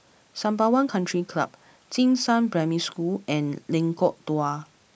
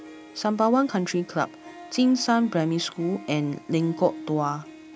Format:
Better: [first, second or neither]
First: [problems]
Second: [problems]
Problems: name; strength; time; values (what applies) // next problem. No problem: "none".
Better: first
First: none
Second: background sound (Harp); 18 dB below the speech